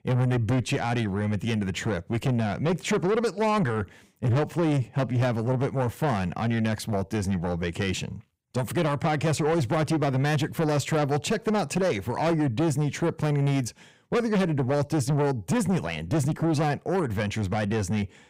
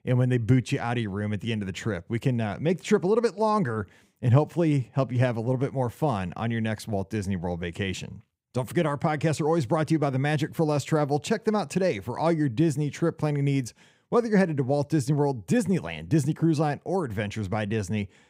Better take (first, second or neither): second